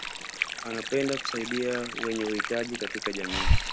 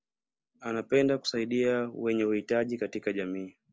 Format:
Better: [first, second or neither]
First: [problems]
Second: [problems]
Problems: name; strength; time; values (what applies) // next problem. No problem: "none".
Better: second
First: background sound (Stream + Breathing); 2 dB above the speech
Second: none